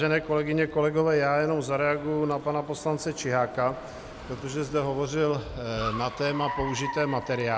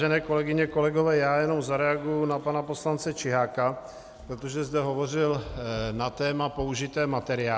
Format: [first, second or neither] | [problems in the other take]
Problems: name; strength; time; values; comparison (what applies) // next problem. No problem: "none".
second | background sound (Car); 14 dB below the speech